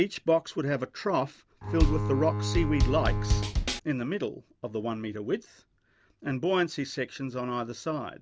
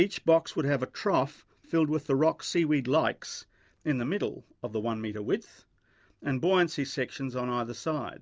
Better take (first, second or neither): second